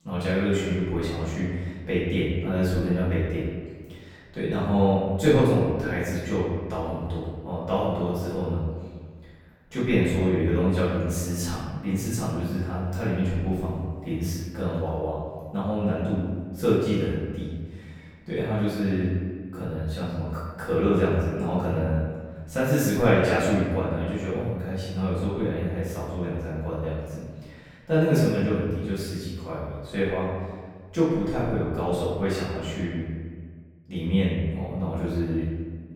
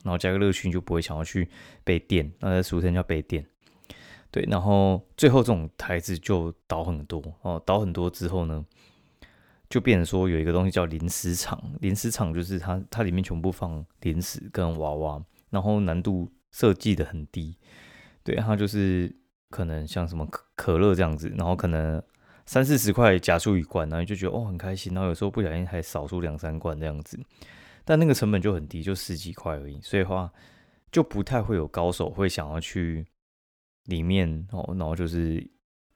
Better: second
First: room echo; strong; dies away in 1.5 s // off-mic speech; far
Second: none

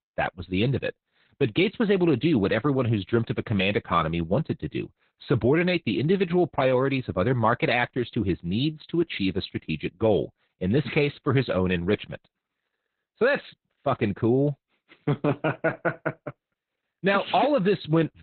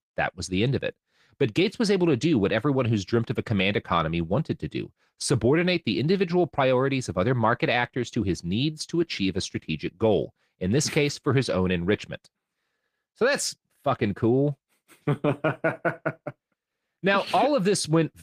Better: second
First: garbled, watery; badly; nothing above 4 kHz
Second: garbled, watery; slightly; nothing above 15 kHz

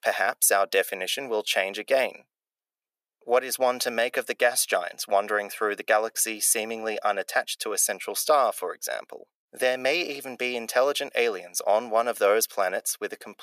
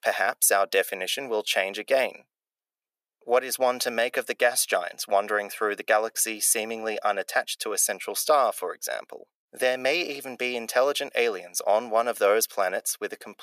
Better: neither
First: thin; very; fading below 350 Hz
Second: thin; very; fading below 350 Hz

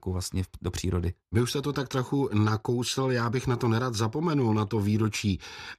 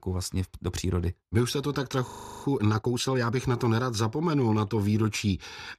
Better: first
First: none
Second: audio freezing; at 2 s

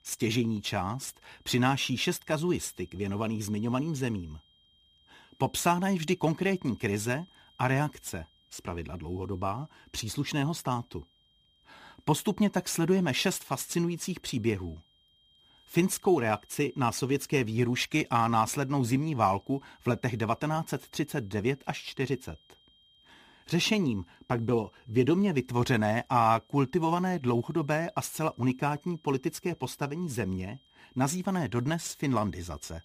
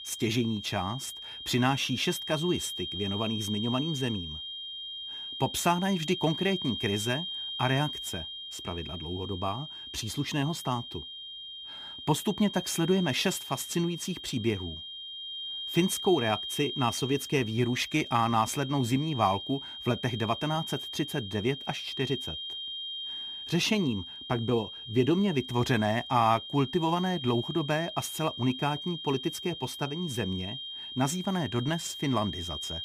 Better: first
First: high-pitched whine; faint; throughout; 3 kHz, 35 dB below the speech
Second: high-pitched whine; loud; throughout; 3 kHz, 7 dB below the speech

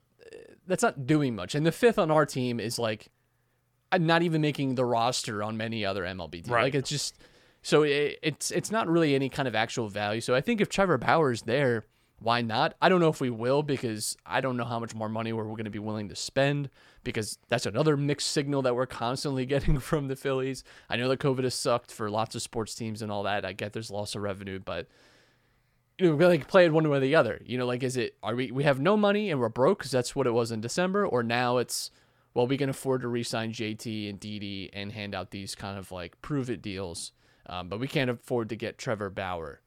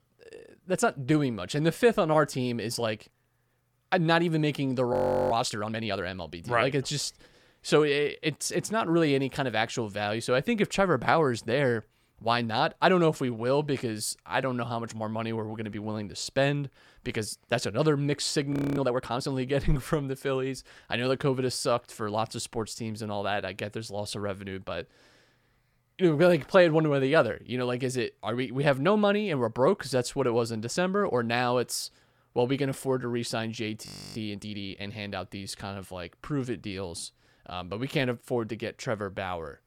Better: first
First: none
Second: audio freezing; at 5 s, at 19 s and at 34 s

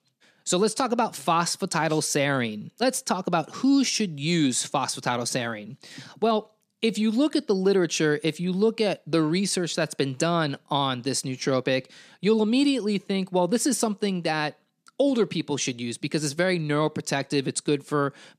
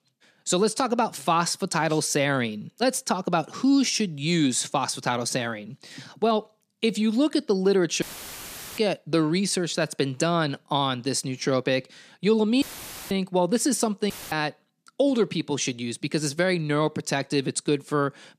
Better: first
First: none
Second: audio cutting out; filled with static; at 8 s for 1 s, at 13 s and at 14 s

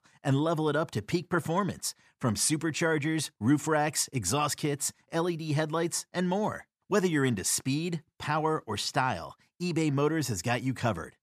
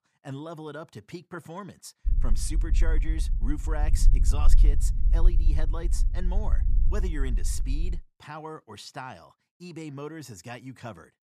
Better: first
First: none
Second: low rumble; noticeable; from 2 to 8 s; 10 dB below the speech

